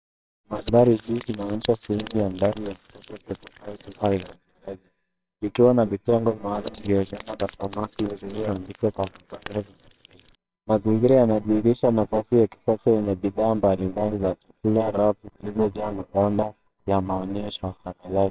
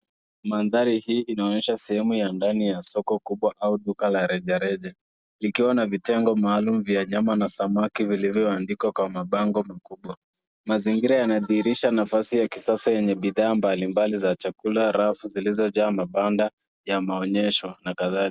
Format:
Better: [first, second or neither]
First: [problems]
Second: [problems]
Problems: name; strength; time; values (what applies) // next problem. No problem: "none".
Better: second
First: noise reduction (neural separator model SepFormer WHAMR!)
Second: none